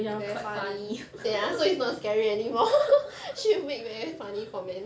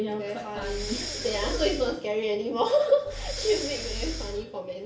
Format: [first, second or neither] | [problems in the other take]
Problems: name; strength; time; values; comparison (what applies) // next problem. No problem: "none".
first | background sound (Breathing); 6 dB below the speech // room echo; dies away in 1.9 s